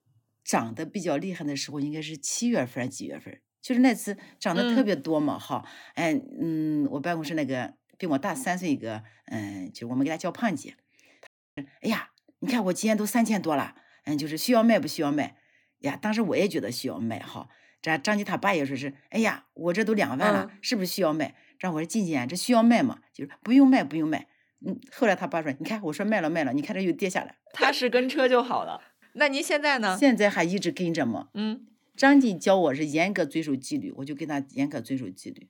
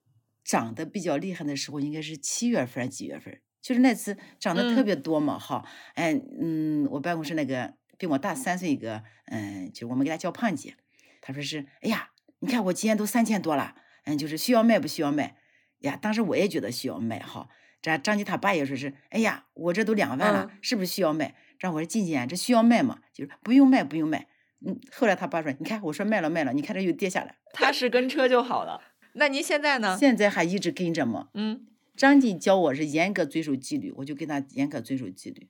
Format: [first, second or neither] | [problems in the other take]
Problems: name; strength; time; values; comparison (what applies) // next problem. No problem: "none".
second | audio cutting out; at 11 s